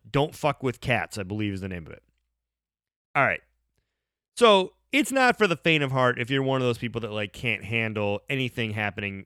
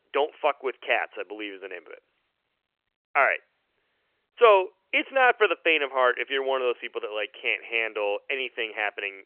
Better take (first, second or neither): first